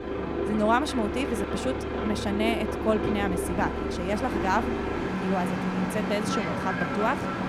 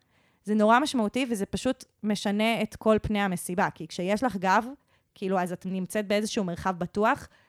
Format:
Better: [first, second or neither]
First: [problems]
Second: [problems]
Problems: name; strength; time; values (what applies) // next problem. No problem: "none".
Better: second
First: train or aircraft noise; loud; throughout; 1 dB below the speech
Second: none